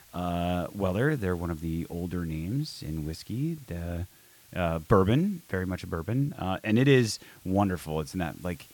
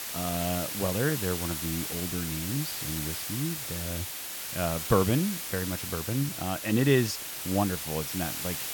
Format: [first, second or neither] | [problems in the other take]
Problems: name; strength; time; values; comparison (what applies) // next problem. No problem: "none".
first | hiss; loud; throughout; 3 dB below the speech; faint in the first